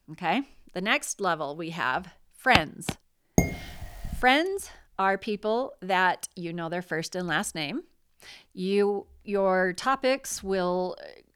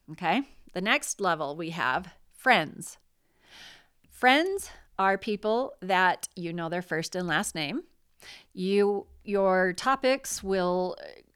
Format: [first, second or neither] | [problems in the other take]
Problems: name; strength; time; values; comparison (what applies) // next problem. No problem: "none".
second | footsteps; very faint; at 2.5 s; peak level with the speech // clattering dishes; loud; at 3.5 s; peak 1 dB above the speech